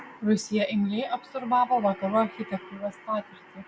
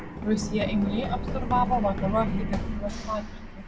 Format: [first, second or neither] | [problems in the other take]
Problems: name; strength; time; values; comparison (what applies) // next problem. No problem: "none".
first | background sound (Run); 2 dB below the speech